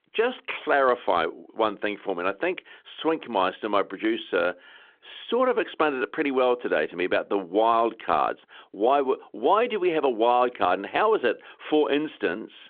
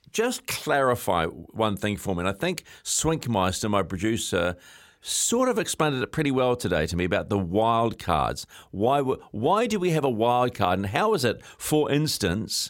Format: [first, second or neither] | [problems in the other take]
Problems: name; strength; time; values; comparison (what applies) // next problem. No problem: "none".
second | phone-call audio